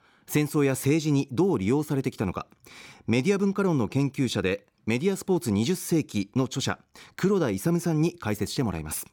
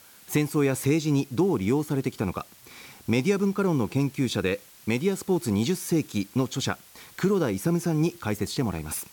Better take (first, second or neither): first